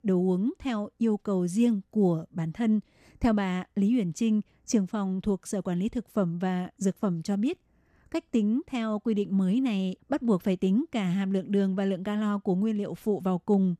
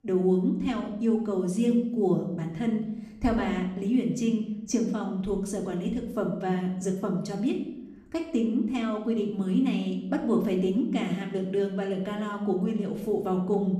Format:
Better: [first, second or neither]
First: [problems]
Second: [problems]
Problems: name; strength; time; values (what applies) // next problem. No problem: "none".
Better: first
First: none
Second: room echo; slight; dies away in 0.7 s // off-mic speech; somewhat distant